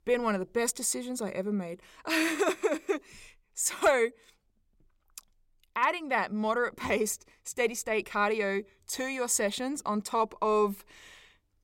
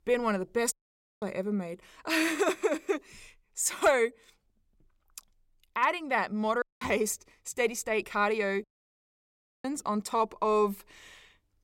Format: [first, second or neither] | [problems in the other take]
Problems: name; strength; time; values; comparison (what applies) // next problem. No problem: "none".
first | audio cutting out; at 0.5 s for 0.5 s, at 6.5 s and at 8.5 s for 1 s